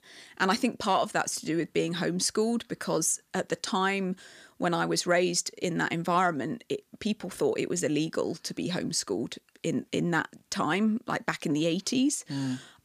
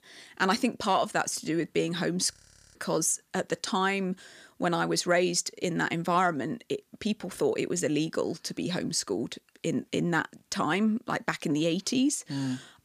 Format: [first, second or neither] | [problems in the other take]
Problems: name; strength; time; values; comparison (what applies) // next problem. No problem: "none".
first | audio freezing; at 2.5 s